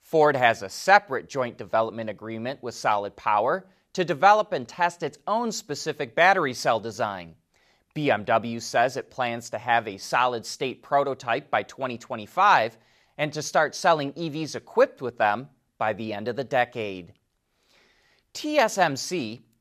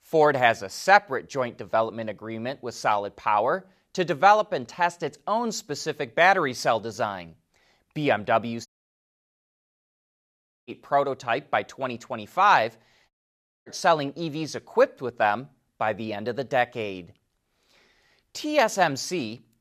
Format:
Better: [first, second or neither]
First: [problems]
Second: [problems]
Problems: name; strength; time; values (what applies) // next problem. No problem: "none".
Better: first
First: none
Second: audio cutting out; at 8.5 s for 2 s and at 13 s for 0.5 s